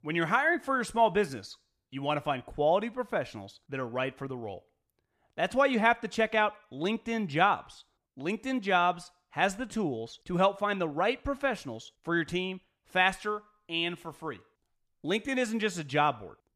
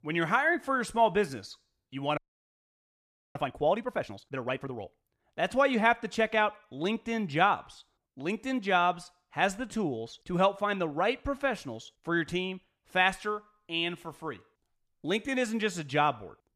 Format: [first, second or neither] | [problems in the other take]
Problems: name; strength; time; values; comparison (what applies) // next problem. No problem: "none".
first | audio freezing; at 2 s for 1 s